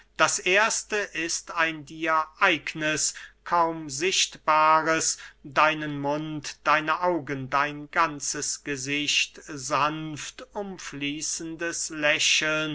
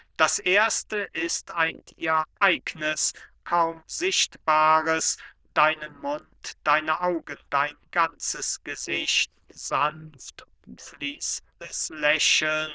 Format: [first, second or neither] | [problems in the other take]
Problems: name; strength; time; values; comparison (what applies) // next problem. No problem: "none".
first | noise reduction (neural diffusion model UNIVERSE++)